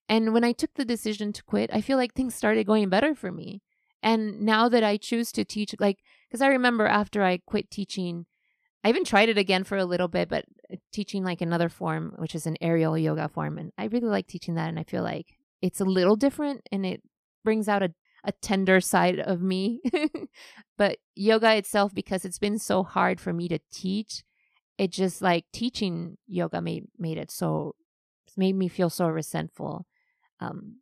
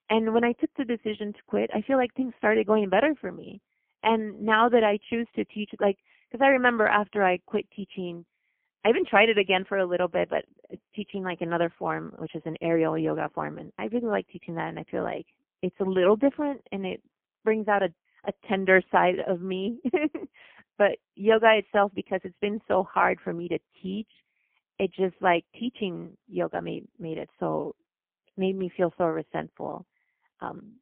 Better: first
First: none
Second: phone-call audio; poor line; nothing above 3 kHz

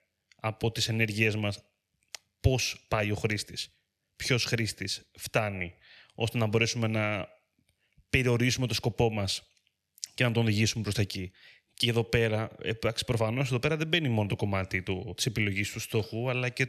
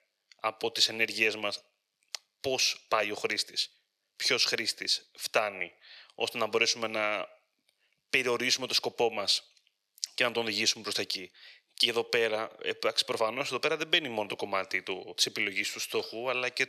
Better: first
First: none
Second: thin; very; fading below 450 Hz

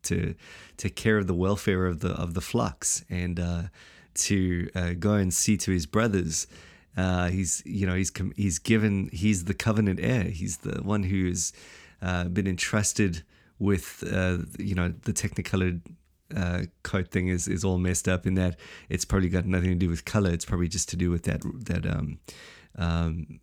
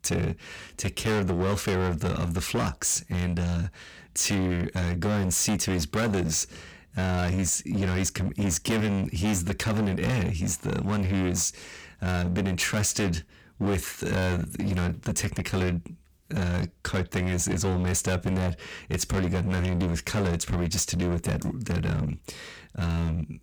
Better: first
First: none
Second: distortion; heavy; 24% of the sound clipped

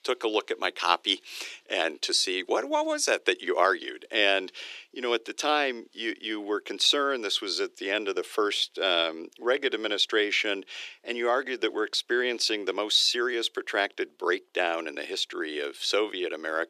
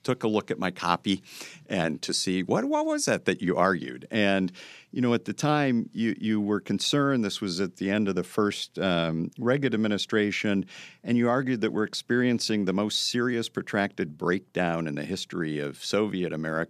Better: second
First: thin; very; fading below 350 Hz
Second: none

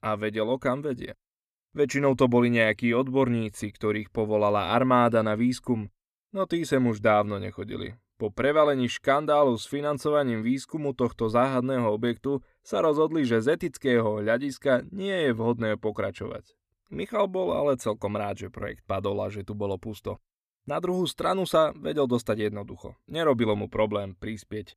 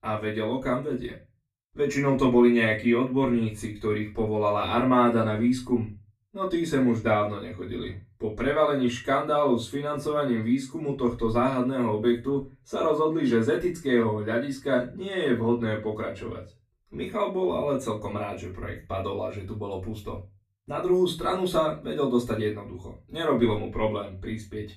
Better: first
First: none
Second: off-mic speech; far // room echo; slight; dies away in 0.3 s

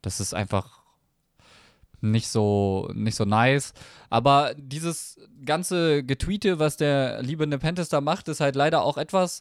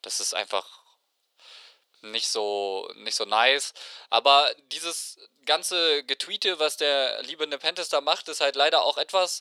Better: first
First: none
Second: thin; very; fading below 450 Hz

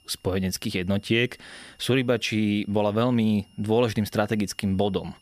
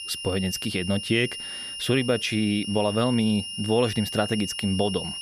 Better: first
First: high-pitched whine; faint; throughout; 3 kHz, 35 dB below the speech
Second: high-pitched whine; loud; throughout; 3 kHz, 7 dB below the speech

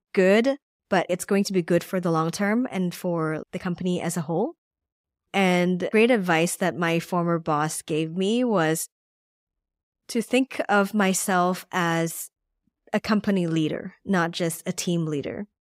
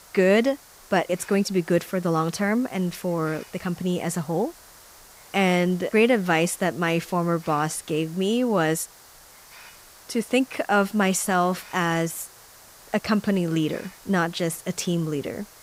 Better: first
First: none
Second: hiss; faint; throughout; 20 dB below the speech

